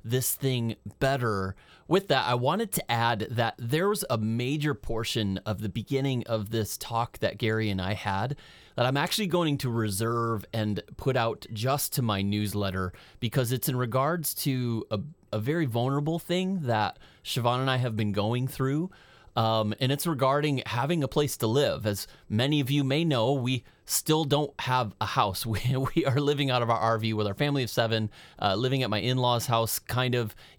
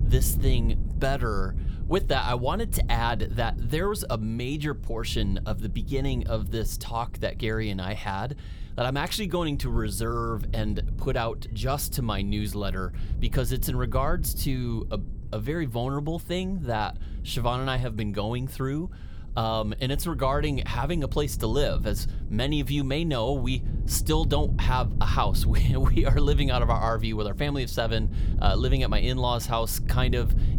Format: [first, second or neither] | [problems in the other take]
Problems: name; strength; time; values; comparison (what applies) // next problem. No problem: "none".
first | low rumble; noticeable; throughout; 15 dB below the speech